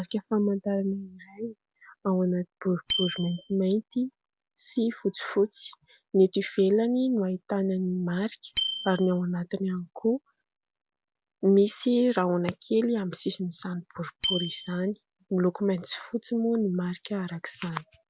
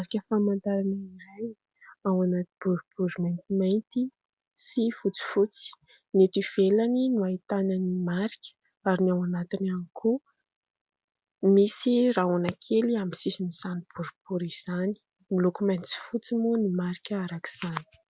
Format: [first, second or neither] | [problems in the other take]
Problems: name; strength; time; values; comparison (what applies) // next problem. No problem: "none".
second | background sound (Bicycle bell); 14 dB below the speech